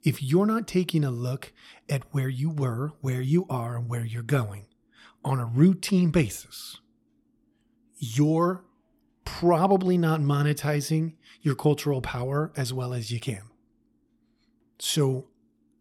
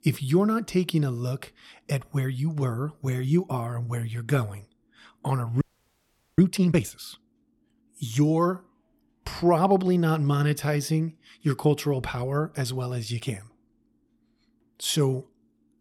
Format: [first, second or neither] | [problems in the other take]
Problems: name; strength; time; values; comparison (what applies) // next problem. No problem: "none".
first | audio freezing; at 5.5 s for 1 s